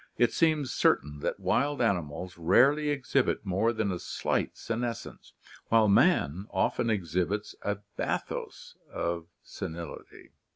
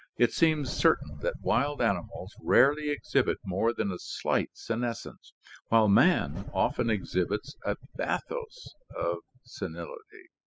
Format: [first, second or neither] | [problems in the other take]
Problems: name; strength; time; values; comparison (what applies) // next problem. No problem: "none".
first | noise reduction (classical method spectral subtraction)